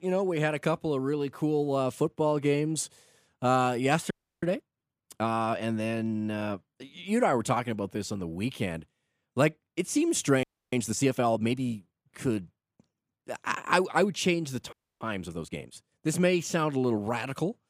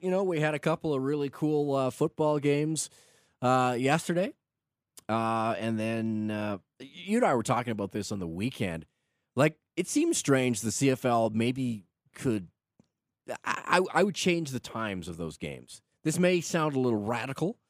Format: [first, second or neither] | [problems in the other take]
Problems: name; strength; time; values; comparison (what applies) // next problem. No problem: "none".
second | audio freezing; at 4 s, at 10 s and at 15 s